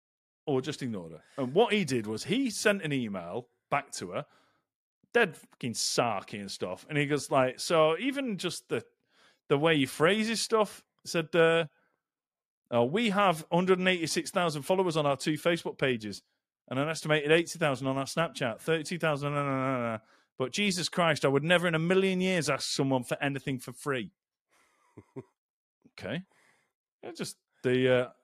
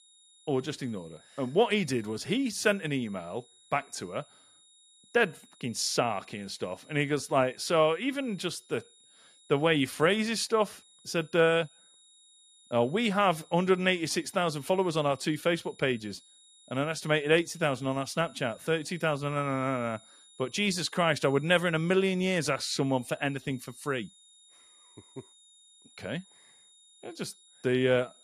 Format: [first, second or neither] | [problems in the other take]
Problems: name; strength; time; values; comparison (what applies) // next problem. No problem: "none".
first | high-pitched whine; faint; throughout; 4 kHz, 25 dB below the speech